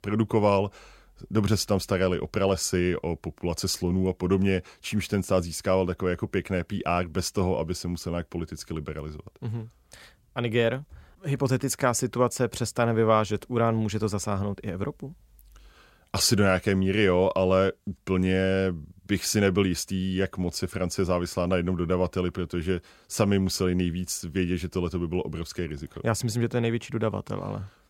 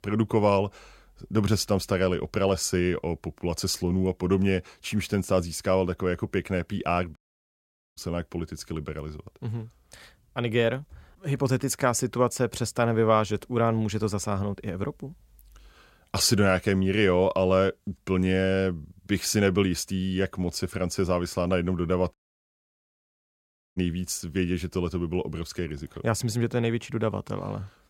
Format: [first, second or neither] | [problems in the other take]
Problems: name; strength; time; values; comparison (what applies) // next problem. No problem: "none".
first | audio cutting out; at 7 s for 1 s and at 22 s for 1.5 s